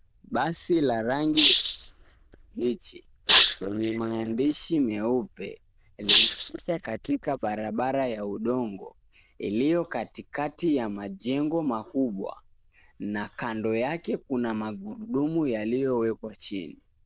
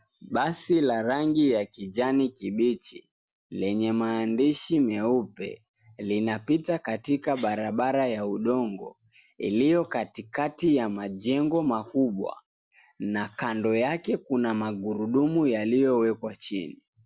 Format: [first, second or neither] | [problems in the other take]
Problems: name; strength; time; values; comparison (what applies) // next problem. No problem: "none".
second | noise reduction (neural diffusion model UNIVERSE++)